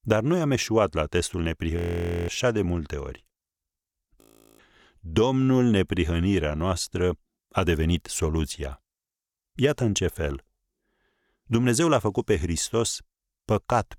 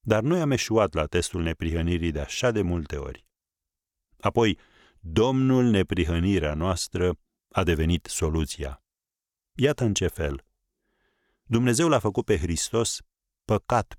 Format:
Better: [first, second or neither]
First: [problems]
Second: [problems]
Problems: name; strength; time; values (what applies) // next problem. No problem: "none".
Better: second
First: audio freezing; at 2 s for 0.5 s and at 4 s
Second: none